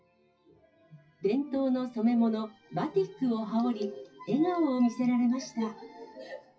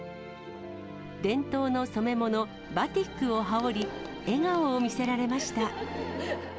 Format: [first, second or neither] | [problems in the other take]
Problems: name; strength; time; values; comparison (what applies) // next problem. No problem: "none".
second | noise reduction (classical method WPE with log-MMSE)